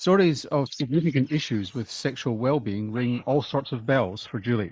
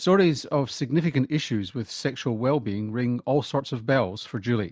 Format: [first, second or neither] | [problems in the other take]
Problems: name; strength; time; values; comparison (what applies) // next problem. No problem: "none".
second | noise reduction (neural mask model Resemble Enhance denoiser)